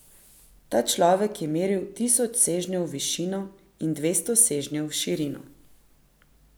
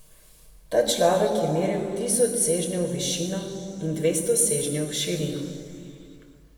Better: first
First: none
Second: room echo; dies away in 2.4 s

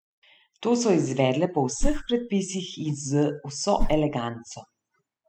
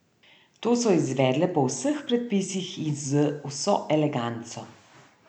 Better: second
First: noise reduction (classical method spectral subtraction)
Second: none

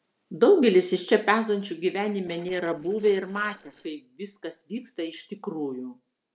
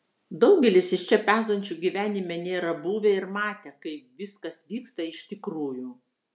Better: second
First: noise reduction (neural separator model SepFormer DNS4)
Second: none

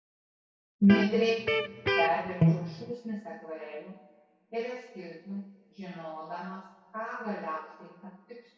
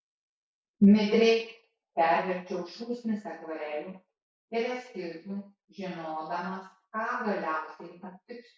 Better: second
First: background sound (Electric guitar); 4 dB above the speech // room echo; dies away in 1.3 s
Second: none

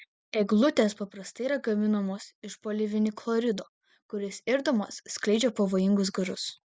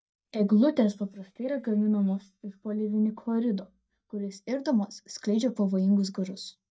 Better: first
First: none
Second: noise reduction (neural mask model DeepFilterNet 3)

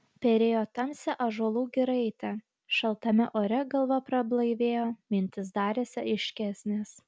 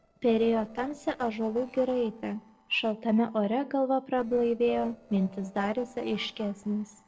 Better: first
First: none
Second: noise reduction (neural separator model SepFormer DNS4)

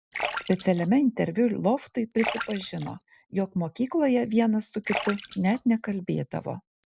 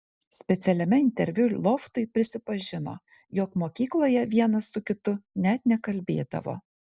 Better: second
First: background sound (Splash, splatter); 11 dB below the speech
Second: none

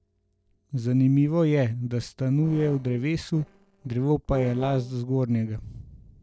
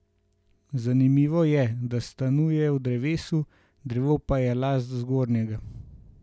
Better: second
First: noise reduction (neural separator model SepFormer DNS4)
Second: none

